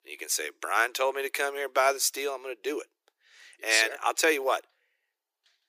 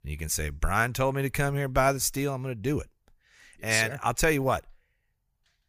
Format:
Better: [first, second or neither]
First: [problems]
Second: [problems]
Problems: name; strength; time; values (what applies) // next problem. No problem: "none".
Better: second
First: thin; very; fading below 300 Hz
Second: none